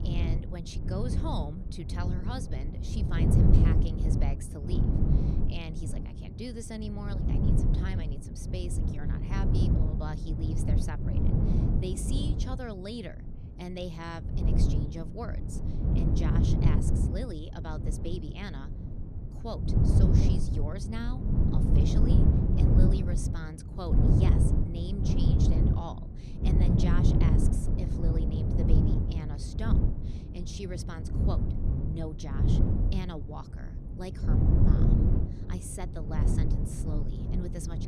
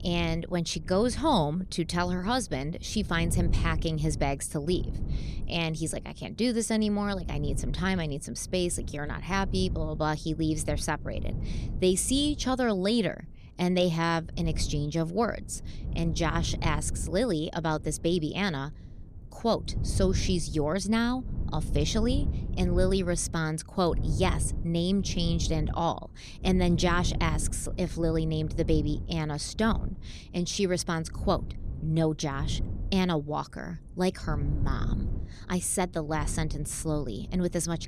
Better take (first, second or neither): second